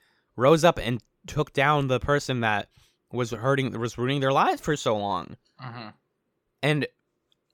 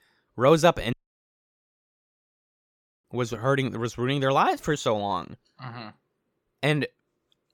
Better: first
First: none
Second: audio cutting out; at 1 s for 2 s

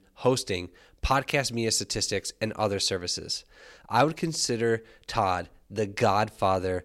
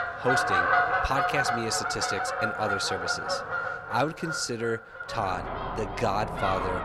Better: first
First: none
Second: animal sounds; very loud; throughout; 2 dB above the speech

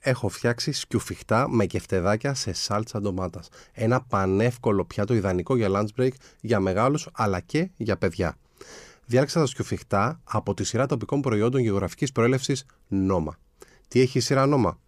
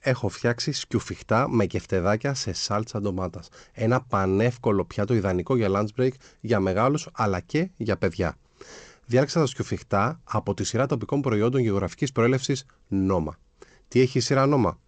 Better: first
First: none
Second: garbled, watery; slightly; nothing above 7.5 kHz

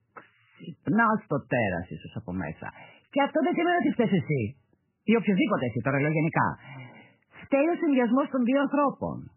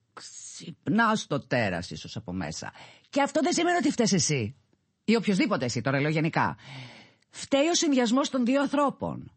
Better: second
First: garbled, watery; badly; nothing above 3 kHz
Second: garbled, watery; slightly; nothing above 8 kHz

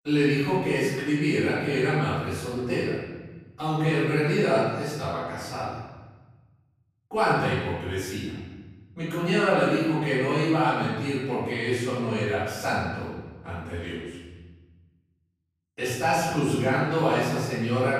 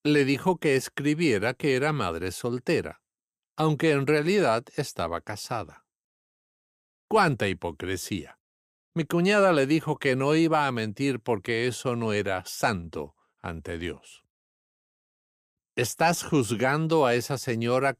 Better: second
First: off-mic speech; far // room echo; strong; dies away in 1.2 s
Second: none

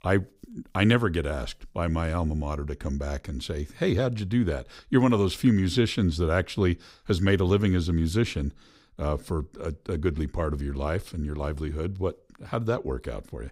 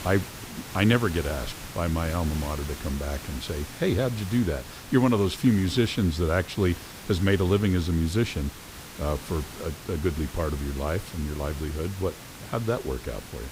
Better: first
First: none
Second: hiss; noticeable; throughout; 15 dB below the speech

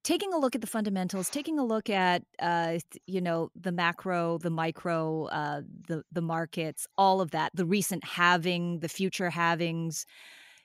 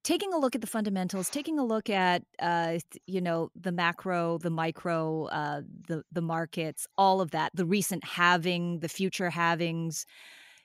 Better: neither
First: none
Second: none

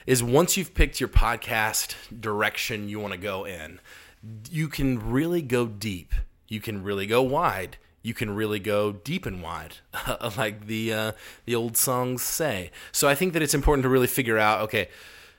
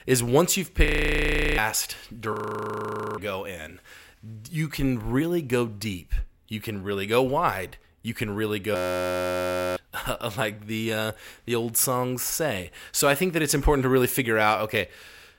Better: first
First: none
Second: audio freezing; at 1 s for 0.5 s, at 2.5 s for 1 s and at 9 s for 1 s

